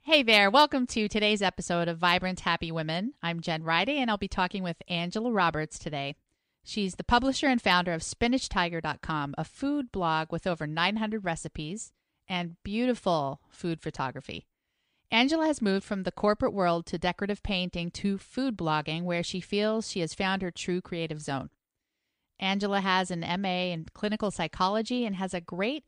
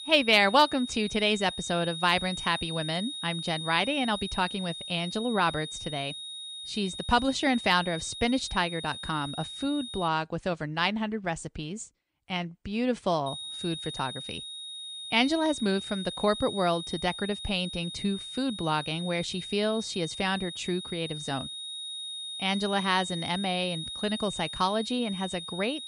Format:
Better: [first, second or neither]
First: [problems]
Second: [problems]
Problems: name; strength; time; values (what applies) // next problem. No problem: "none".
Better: first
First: none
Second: high-pitched whine; loud; until 10 s and from 13 s on; 3.5 kHz, 8 dB below the speech